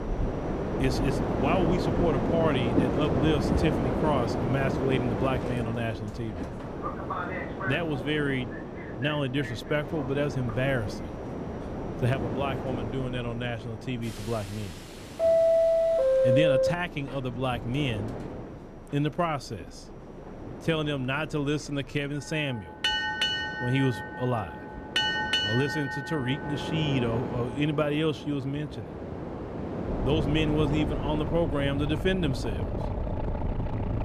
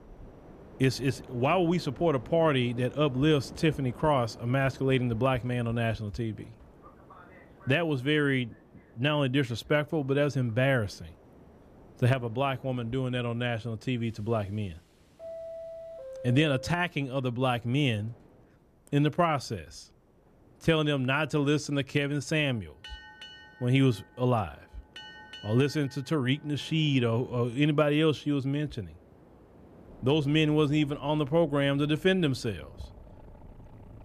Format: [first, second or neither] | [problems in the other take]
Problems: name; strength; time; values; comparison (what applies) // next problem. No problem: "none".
second | train or aircraft noise; loud; throughout; as loud as the speech; faint in the second